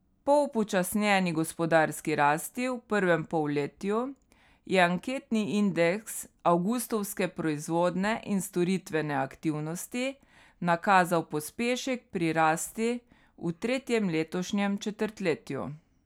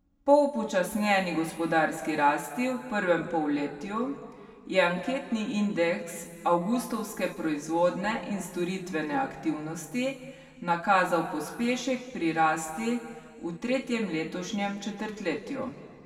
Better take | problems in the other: first | room echo; dies away in 1.9 s

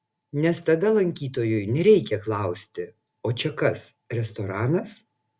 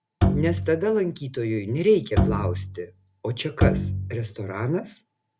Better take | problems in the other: first | background sound (Bowed string instrument); as loud as the speech

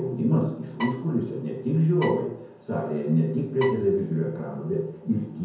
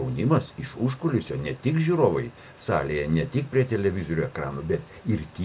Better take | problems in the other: second | background sound (Bowed string instrument); 13 dB below the speech // room echo; dies away in 0.9 s

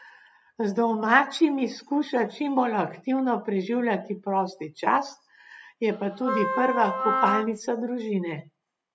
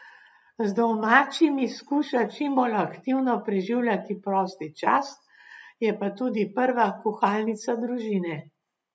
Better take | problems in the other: second | background sound (Wind instrument, woodwind instrument); 2 dB below the speech

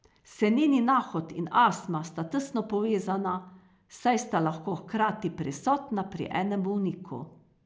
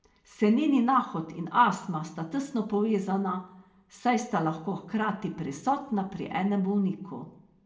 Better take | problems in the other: first | room echo; dies away in 0.6 s

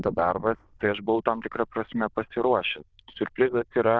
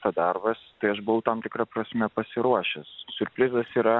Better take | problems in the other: second | noise reduction (neural diffusion model UNIVERSE++)

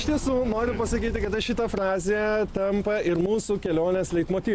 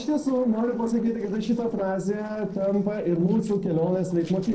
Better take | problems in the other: first | noise reduction (neural separator model SepFormer DNS4)

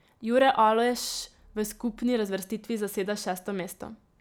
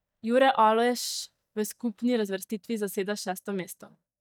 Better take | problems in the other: first | noise reduction (neural mask model DeepFilterNet 3)

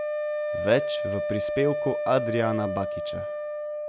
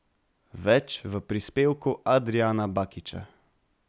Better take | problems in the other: second | background sound (Wind instrument, woodwind instrument); 1 dB below the speech

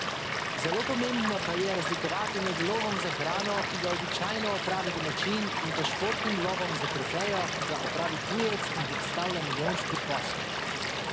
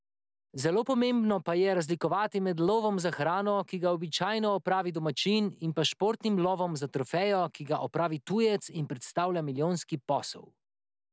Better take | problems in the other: second | background sound (Stream / Liquid); 2 dB above the speech

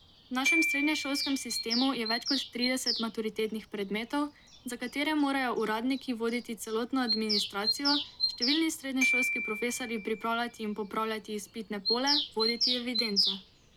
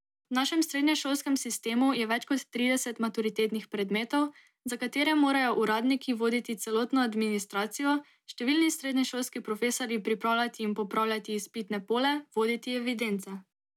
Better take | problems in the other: second | background sound (Glockenspiel + Bird vocalization, bird call, bird song); 2 dB below the speech

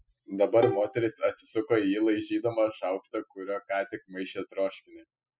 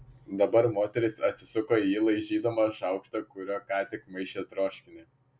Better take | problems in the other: second | noise reduction (classical method spectral subtraction)

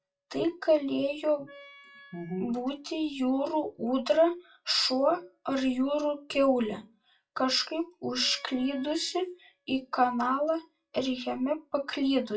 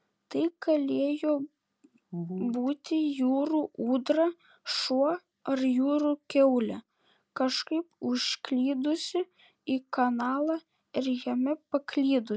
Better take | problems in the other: second | noise reduction (classical method WPE with log-MMSE)

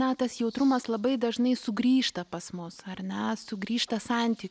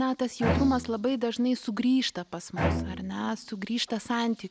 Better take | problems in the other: first | background sound (Bowed string instrument); 5 dB below the speech

